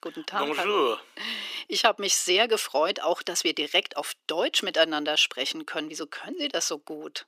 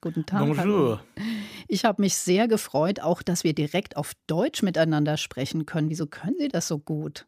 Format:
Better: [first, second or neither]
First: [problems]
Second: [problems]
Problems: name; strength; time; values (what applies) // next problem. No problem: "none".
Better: second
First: thin; very; fading below 350 Hz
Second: none